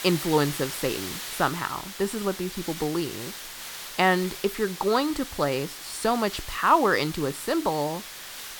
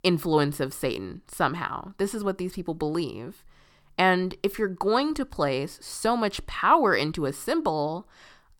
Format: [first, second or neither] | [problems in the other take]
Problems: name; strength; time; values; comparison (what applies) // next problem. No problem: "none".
second | hiss; loud; throughout; 10 dB below the speech